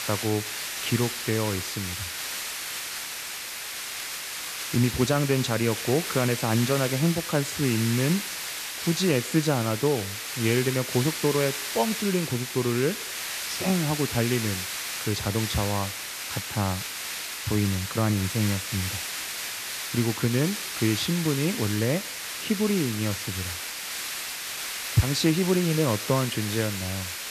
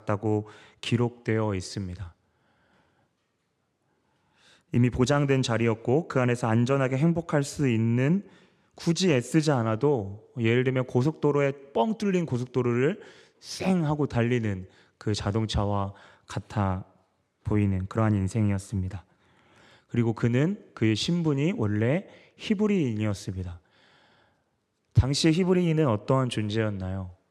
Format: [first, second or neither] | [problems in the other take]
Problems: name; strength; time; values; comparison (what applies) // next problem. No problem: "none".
second | hiss; loud; throughout; 4 dB below the speech